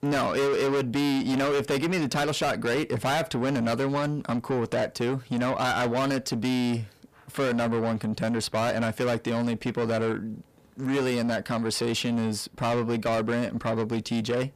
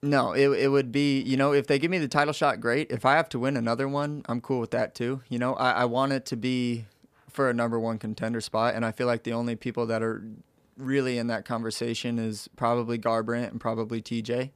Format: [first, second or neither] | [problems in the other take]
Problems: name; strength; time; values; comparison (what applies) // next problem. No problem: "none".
second | distortion; heavy; 6 dB below the speech